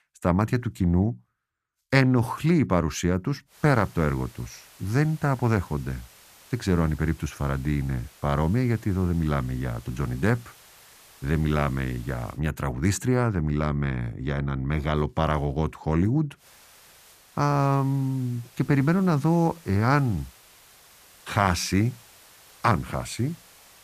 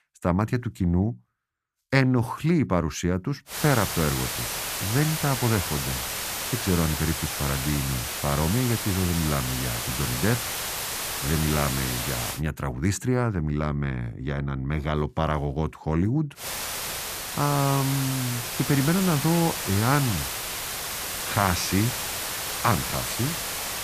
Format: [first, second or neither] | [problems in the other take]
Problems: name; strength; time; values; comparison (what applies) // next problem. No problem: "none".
first | hiss; loud; from 3.5 to 12 s and from 16 s on; 2 dB below the speech; faint in the first